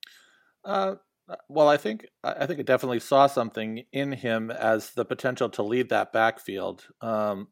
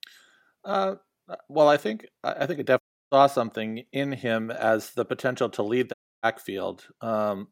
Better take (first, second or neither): first